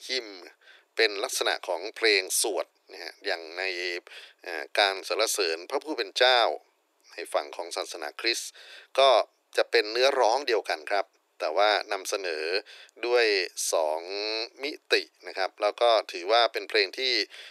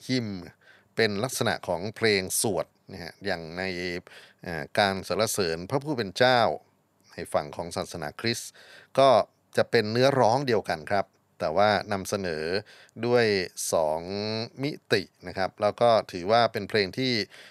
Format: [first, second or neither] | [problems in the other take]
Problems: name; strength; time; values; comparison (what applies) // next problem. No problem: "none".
second | thin; very; fading below 300 Hz